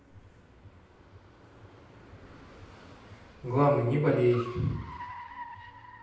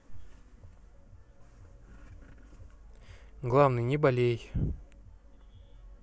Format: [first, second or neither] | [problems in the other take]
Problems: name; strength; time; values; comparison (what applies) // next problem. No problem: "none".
second | background sound (Car); 17 dB below the speech // room echo; dies away in 0.9 s